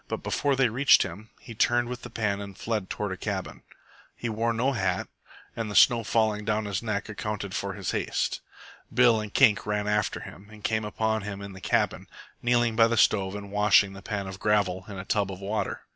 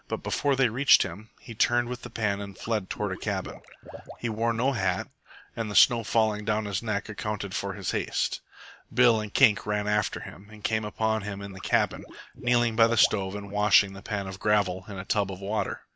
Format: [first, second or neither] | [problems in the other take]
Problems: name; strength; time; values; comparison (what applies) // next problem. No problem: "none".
first | background sound (Liquid); 18 dB below the speech